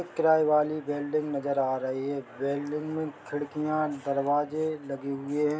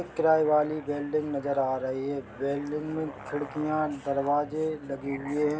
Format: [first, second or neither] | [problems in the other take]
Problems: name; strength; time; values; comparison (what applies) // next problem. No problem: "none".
first | background sound (Musical instrument); 18 dB below the speech